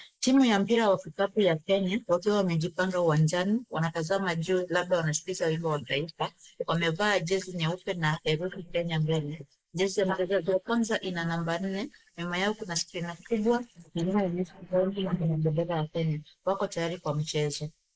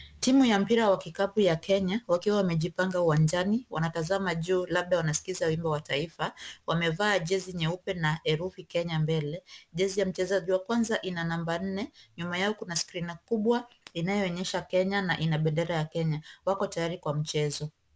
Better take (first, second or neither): second